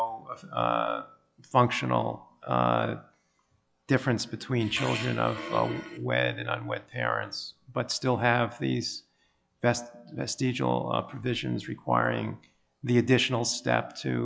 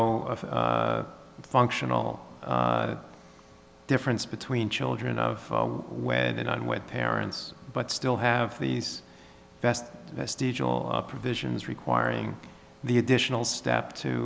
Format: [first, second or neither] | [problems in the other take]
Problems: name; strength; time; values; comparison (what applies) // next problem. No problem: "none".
second | noise reduction (classical method log-MMSE)